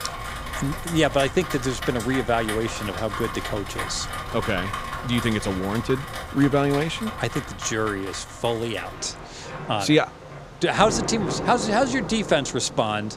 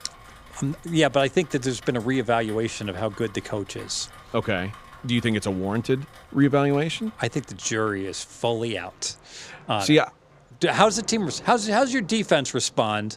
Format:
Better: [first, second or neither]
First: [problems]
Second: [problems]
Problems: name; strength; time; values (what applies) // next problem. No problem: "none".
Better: second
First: rain or running water; loud; throughout; 8 dB below the speech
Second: rain or running water; faint; throughout; 25 dB below the speech